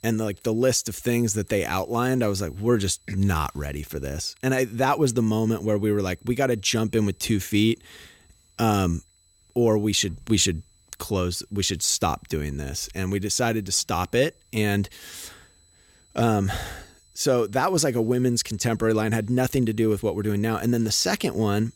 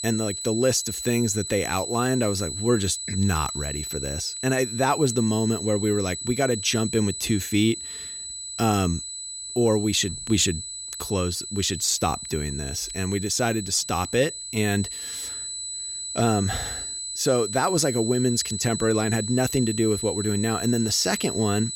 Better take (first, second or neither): first